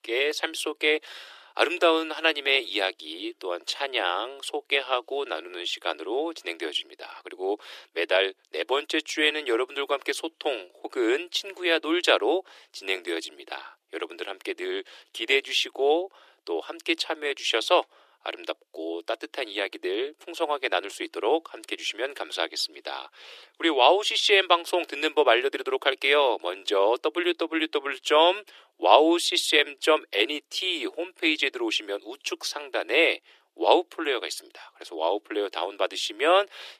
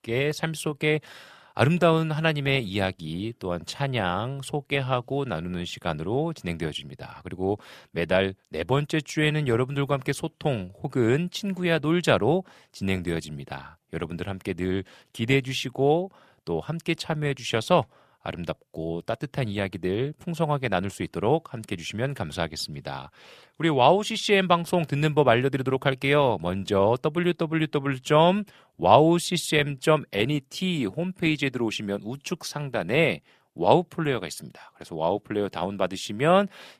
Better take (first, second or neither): second